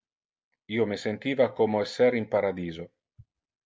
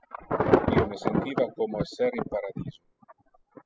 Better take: first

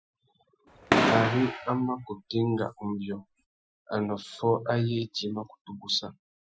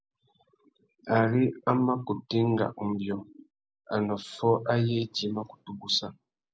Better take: second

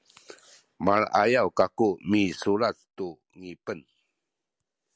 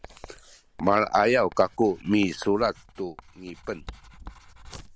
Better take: first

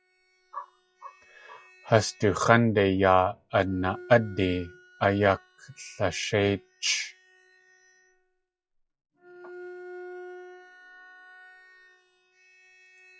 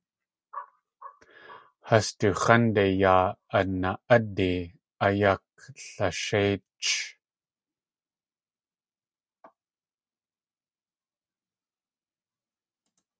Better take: second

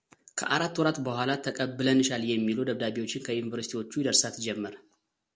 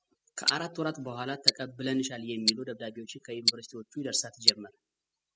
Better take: first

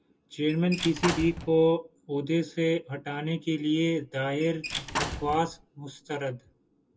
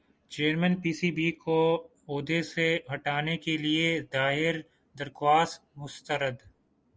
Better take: second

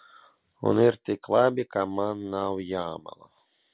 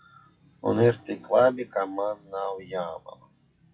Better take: first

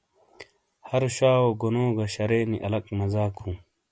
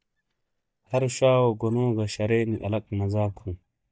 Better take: first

